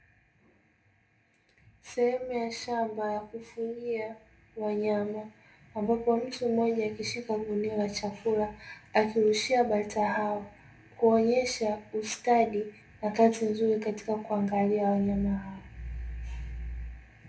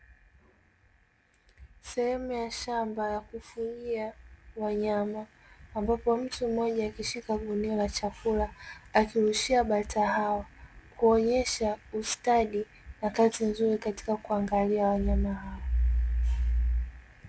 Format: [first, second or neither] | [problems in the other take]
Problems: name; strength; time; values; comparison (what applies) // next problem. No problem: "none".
second | room echo; dies away in 0.3 s